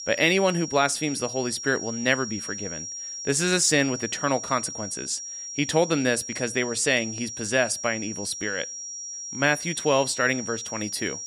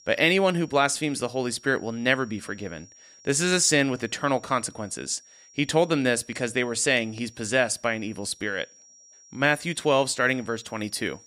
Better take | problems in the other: second | high-pitched whine; loud; throughout; 5.5 kHz, 8 dB below the speech; faint in the second

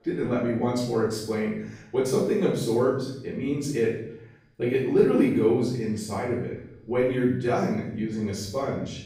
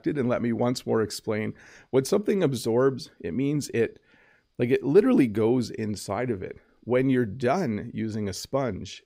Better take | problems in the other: second | off-mic speech; far // room echo; noticeable; dies away in 0.6 s

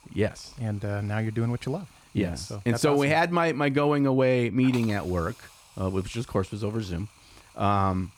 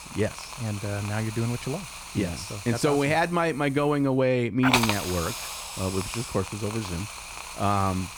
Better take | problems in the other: first | hiss; loud; throughout; 6 dB below the speech; faint in the first

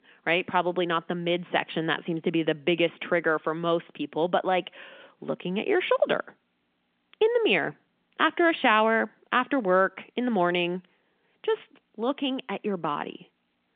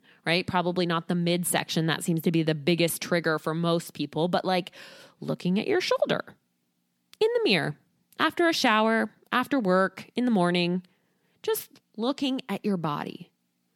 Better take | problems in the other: second | phone-call audio; nothing above 3 kHz

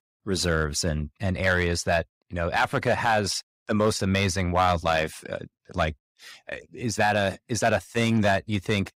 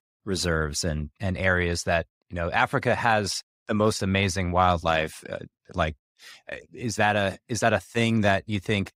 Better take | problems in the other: second | distortion; slight; 1.7% of the sound clipped

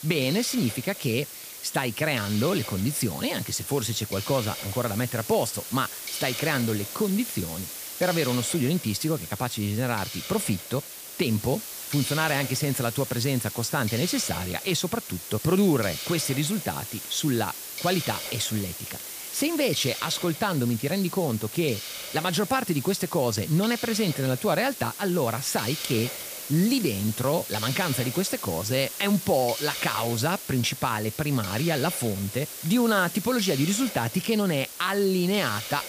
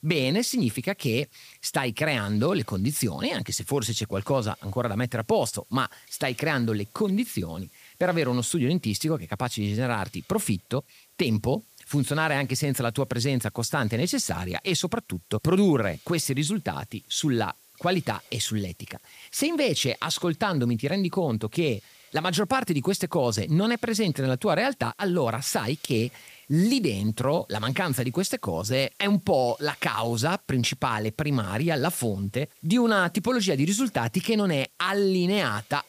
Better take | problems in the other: second | hiss; loud; throughout; 8 dB below the speech; faint in the second

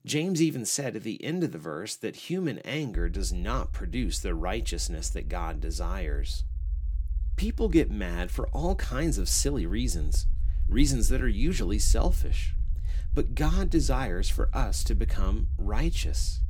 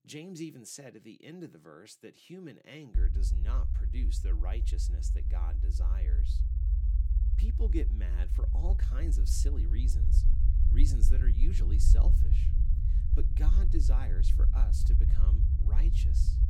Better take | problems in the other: first | low rumble; loud; from 3 s on; 2 dB below the speech; faint in the first

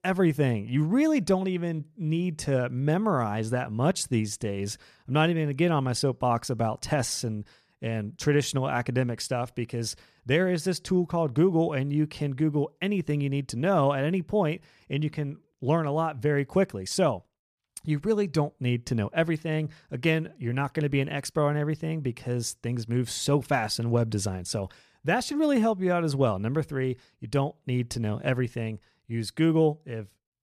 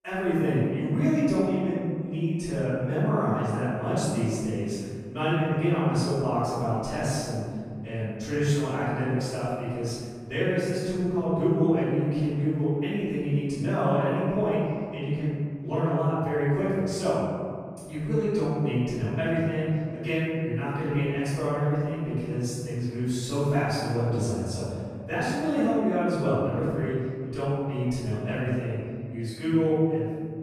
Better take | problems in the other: first | off-mic speech; far // room echo; strong; dies away in 2.1 s

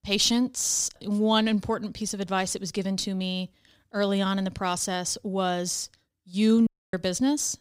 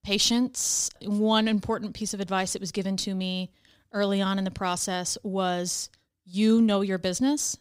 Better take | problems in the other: second | audio cutting out; at 6.5 s

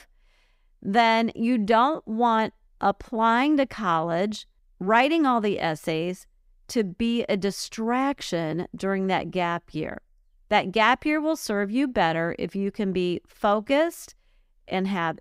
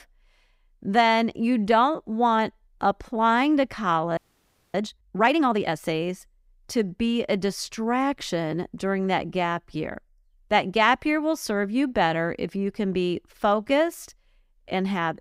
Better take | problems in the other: first | audio freezing; at 4 s for 0.5 s

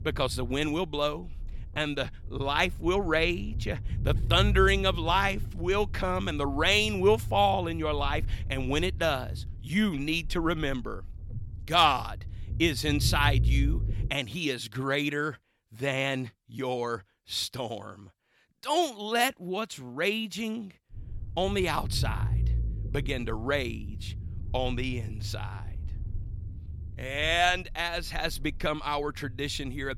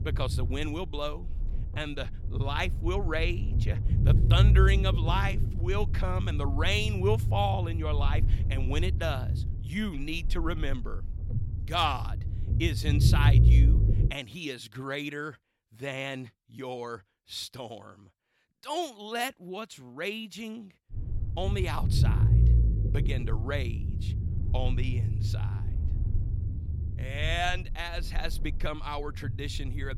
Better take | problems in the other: first | low rumble; loud; until 14 s and from 21 s on; 9 dB below the speech; faint in the first

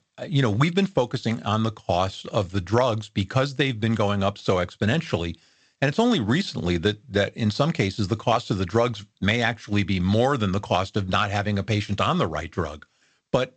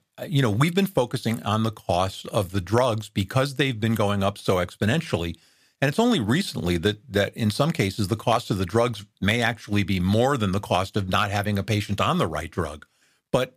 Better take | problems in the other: second | garbled, watery; slightly; nothing above 8 kHz

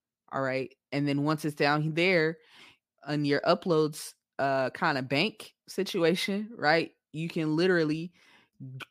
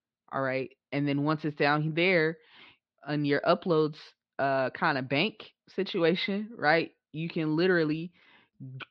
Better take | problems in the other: first | muffled; very slightly; fading above 4 kHz

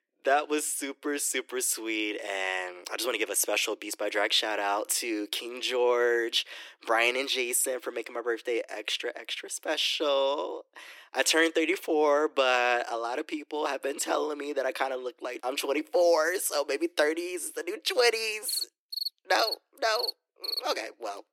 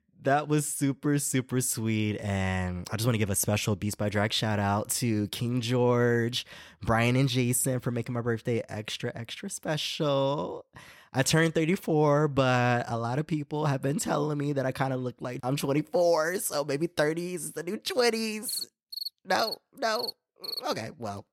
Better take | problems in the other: second | thin; very; fading below 300 Hz

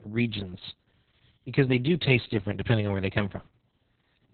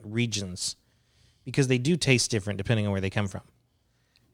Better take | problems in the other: second | garbled, watery; badly; nothing above 4 kHz

